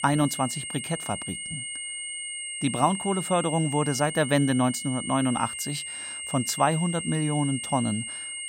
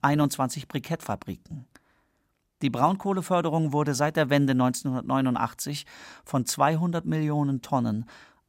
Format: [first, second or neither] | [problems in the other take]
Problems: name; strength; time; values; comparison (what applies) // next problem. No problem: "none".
second | high-pitched whine; loud; throughout; 8.5 kHz, 6 dB below the speech